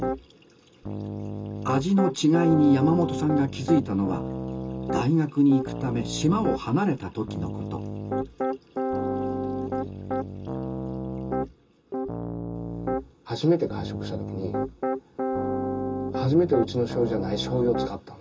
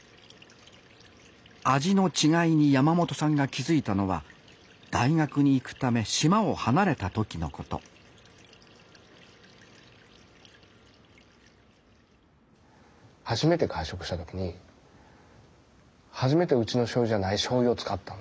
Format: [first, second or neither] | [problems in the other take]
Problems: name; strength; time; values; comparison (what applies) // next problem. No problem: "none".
second | background sound (Piano); 4 dB below the speech // room echo; dies away in 0.2 s